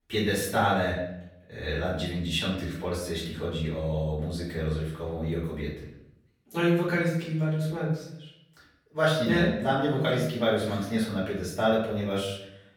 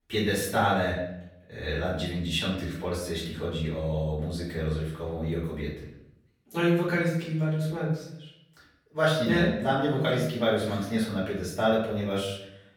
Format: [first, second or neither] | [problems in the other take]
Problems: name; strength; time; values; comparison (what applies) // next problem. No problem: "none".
neither | room echo; noticeable; dies away in 0.7 s; the same in both // off-mic speech; far; the same in both